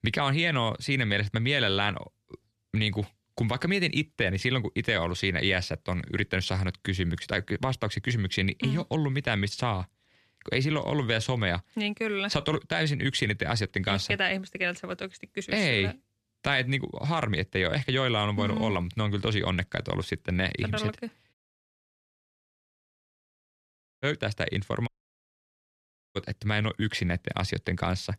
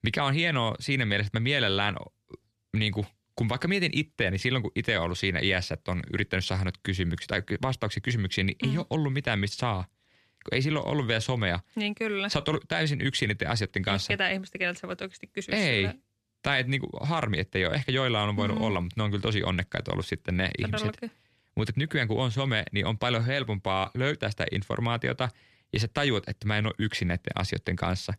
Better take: second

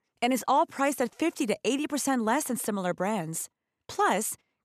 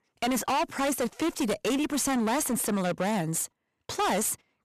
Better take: first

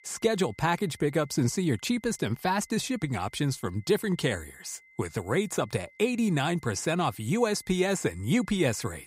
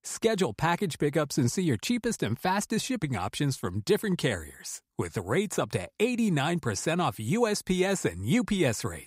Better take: second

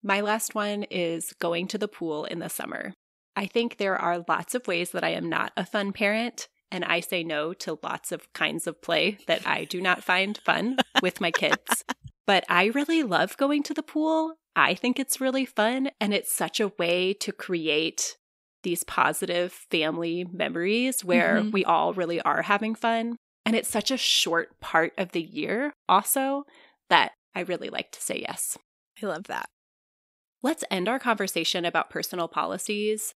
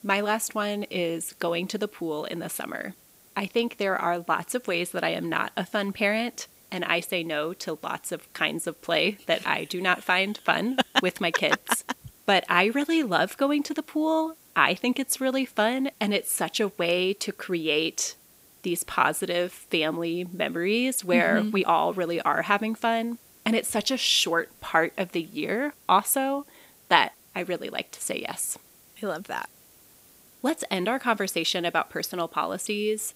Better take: first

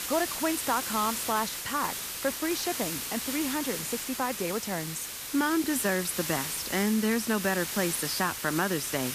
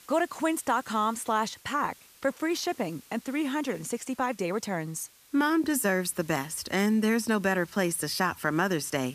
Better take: second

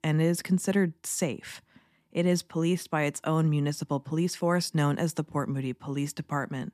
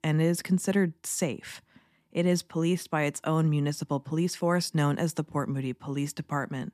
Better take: neither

